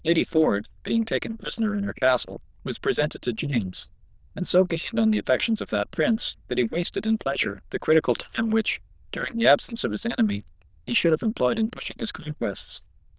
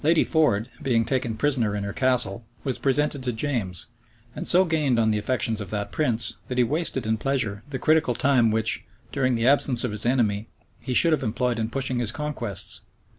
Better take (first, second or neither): second